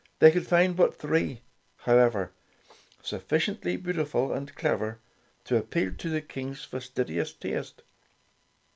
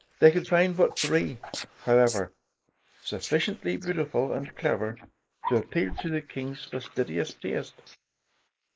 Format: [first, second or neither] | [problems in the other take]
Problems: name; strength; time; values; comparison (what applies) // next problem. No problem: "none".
first | noise reduction (neural mask model Resemble Enhance denoiser)